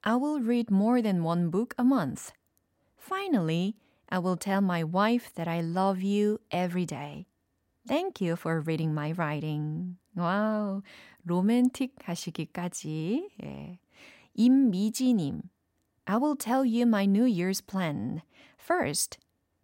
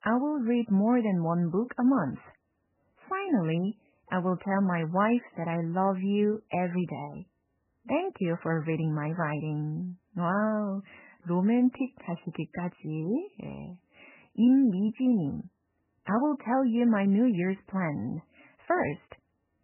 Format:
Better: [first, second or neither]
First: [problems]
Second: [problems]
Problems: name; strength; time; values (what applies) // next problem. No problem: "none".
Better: first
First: none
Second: garbled, watery; badly; nothing above 3 kHz